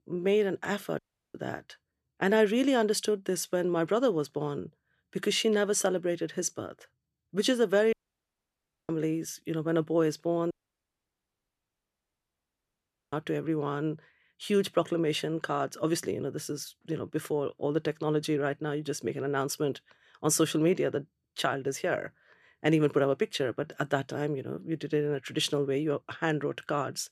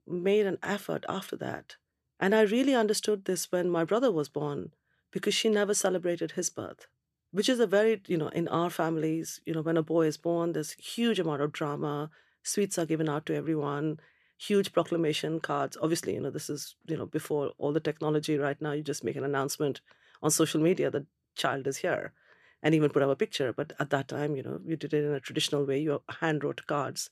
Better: second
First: audio cutting out; at 1 s, at 8 s for 1 s and at 11 s for 2.5 s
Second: none

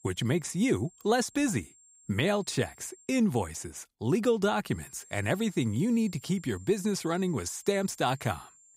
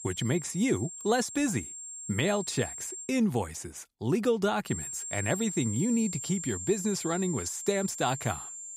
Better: first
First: high-pitched whine; faint; until 3 s and from 4.5 s on; 7.5 kHz, 25 dB below the speech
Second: high-pitched whine; loud; until 3 s and from 4.5 s on; 7.5 kHz, 7 dB below the speech

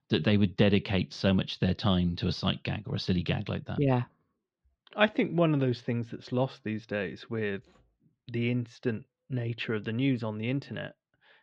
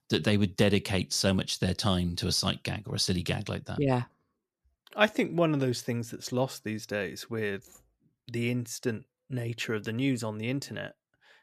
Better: second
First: muffled; slightly; fading above 3.5 kHz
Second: none

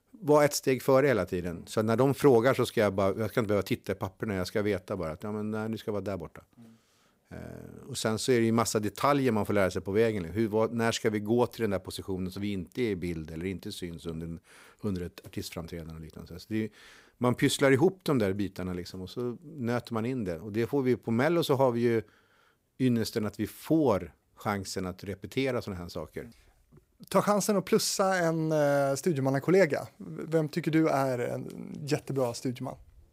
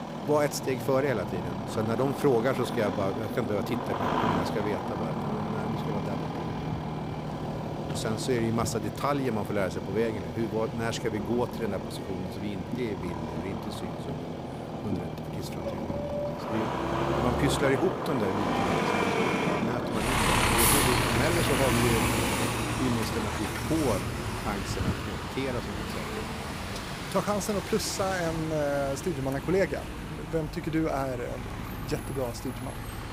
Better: first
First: none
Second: traffic noise; very loud; throughout; as loud as the speech

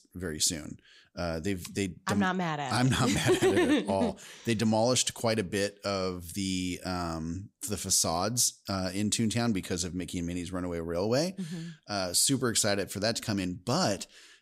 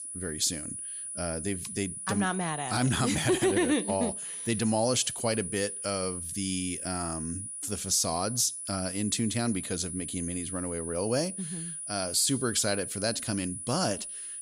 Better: first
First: none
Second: high-pitched whine; loud; throughout; 9.5 kHz, 6 dB below the speech

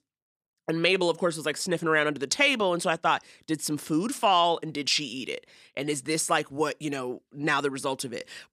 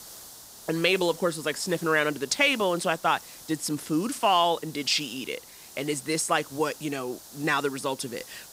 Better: first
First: none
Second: hiss; noticeable; throughout; 15 dB below the speech

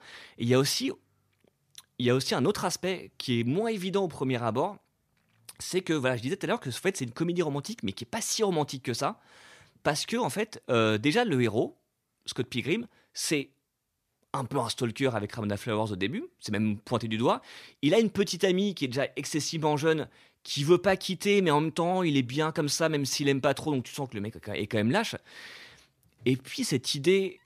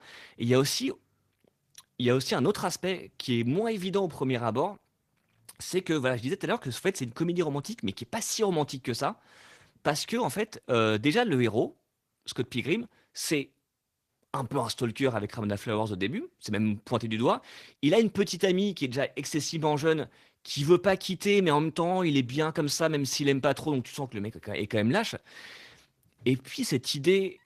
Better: first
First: none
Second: garbled, watery; slightly; nothing above 14.5 kHz

